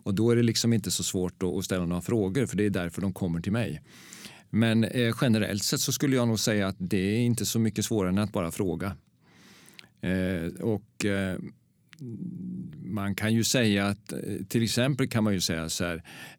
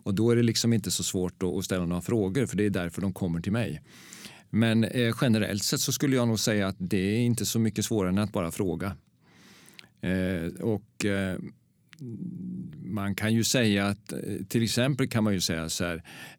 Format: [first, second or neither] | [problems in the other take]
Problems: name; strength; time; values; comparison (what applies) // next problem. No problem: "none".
neither | none